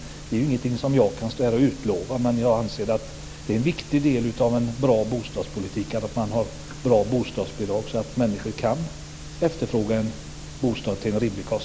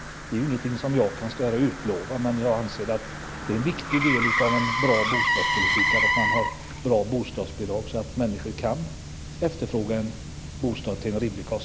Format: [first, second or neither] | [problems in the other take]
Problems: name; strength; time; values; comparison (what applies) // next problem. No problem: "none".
first | background sound (Motor vehicle (road)); 2 dB below the speech